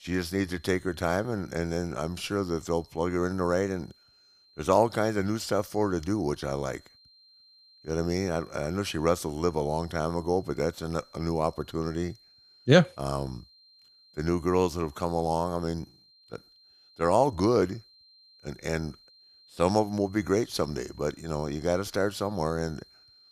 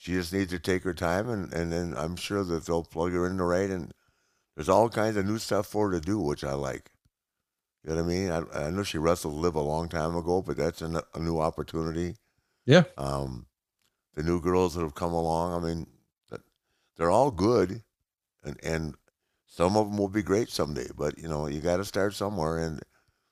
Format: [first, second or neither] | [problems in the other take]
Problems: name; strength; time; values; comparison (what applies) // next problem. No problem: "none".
second | high-pitched whine; faint; throughout; 4 kHz, 30 dB below the speech